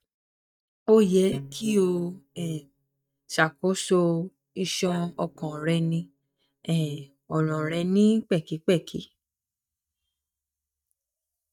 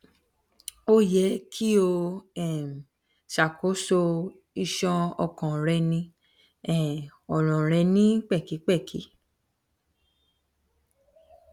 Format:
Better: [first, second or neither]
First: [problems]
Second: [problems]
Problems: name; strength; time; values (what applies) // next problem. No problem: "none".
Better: second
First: noise reduction (neural mask model DeepFilterNet 3)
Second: none